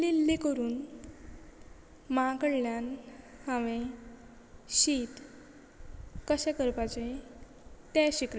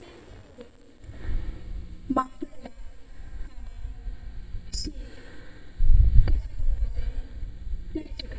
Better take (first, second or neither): first